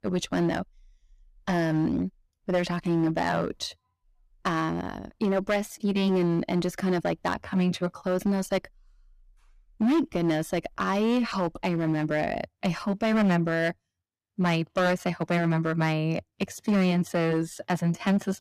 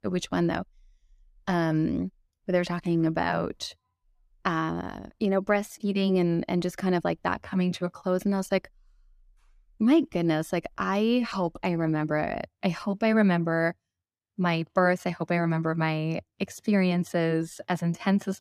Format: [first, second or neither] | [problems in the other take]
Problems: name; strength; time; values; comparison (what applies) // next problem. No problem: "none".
second | distortion; slight; 8% of the sound clipped